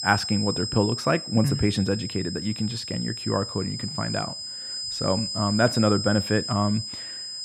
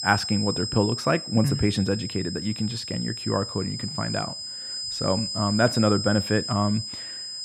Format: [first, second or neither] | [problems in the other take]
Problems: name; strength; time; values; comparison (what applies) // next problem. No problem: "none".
neither | high-pitched whine; loud; throughout; 5 kHz, 5 dB below the speech; the same in both